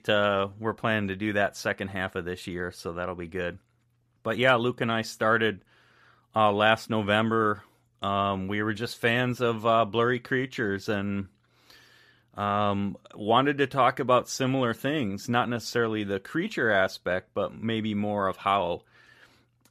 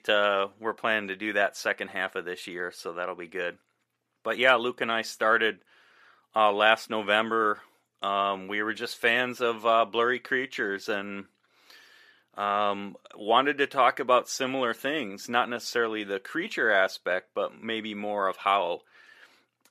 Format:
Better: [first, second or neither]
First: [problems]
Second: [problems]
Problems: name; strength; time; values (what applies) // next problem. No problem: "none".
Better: first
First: none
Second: thin; somewhat; fading below 350 Hz